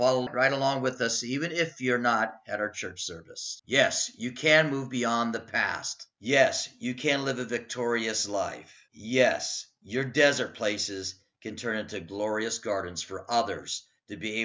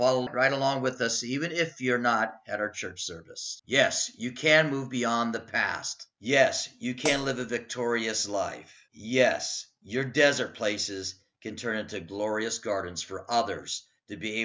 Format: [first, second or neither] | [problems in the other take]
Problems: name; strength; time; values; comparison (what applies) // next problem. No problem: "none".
first | background sound (Hi-hat); 7 dB below the speech